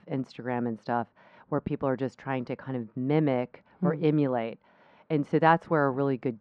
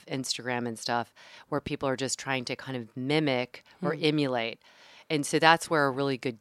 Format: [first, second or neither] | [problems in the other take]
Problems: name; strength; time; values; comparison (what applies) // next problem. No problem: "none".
second | muffled; very; fading above 1.5 kHz